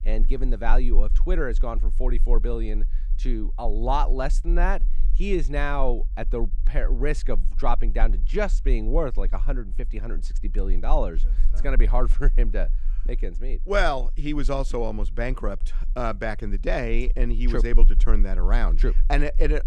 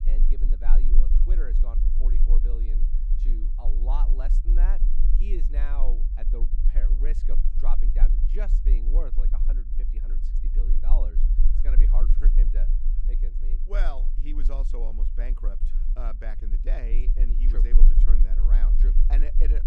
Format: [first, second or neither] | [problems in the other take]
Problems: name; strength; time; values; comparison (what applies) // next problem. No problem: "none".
first | low rumble; loud; throughout; 7 dB below the speech; faint in the first